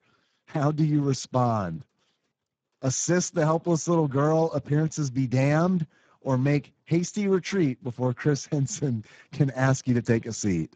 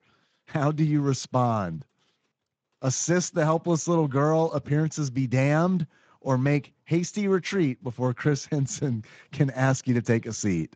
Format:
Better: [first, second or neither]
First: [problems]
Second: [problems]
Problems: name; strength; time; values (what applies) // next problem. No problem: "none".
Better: second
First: garbled, watery; badly; nothing above 7.5 kHz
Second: garbled, watery; slightly